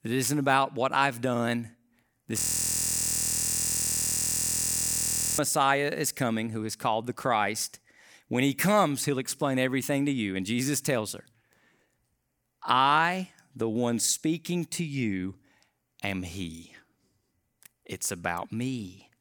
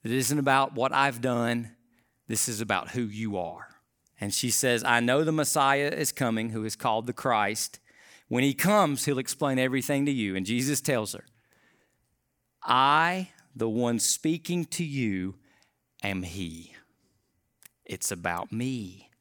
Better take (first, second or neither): second